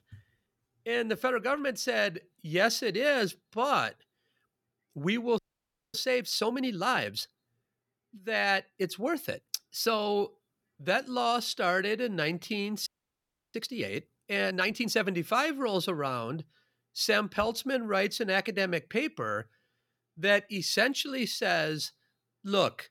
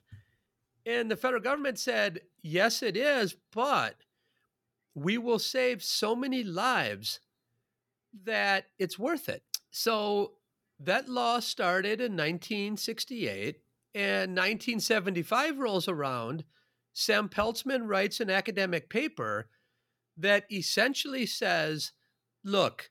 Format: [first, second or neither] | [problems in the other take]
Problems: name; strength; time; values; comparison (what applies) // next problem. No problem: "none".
second | audio freezing; at 5.5 s for 0.5 s and at 13 s for 0.5 s